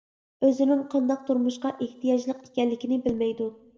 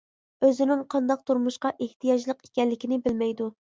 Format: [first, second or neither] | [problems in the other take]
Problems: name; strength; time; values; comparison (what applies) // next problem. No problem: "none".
second | room echo; dies away in 1 s